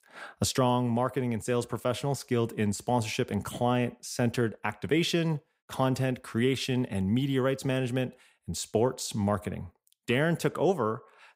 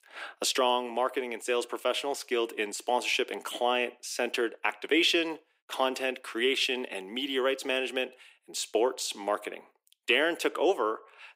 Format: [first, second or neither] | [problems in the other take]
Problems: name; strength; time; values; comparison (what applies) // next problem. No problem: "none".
first | thin; somewhat; fading below 300 Hz